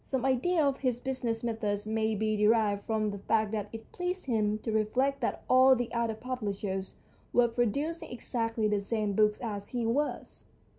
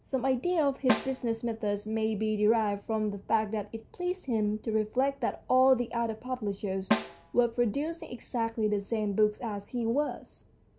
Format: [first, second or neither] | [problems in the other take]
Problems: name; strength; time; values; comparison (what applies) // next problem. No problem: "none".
first | background sound (Snare drum); 6 dB below the speech